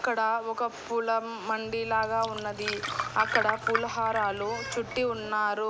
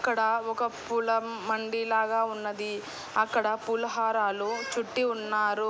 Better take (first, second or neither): second